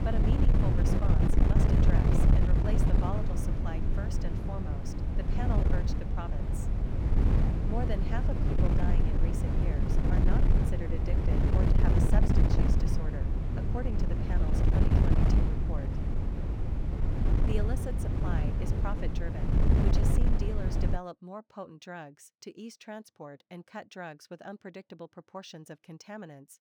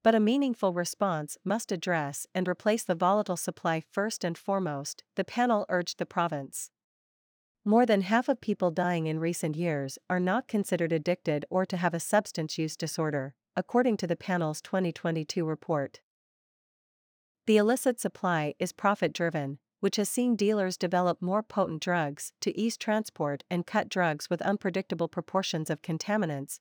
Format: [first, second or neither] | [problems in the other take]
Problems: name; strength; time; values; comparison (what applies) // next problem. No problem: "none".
second | wind noise on the microphone; heavy; until 21 s; 4 dB above the speech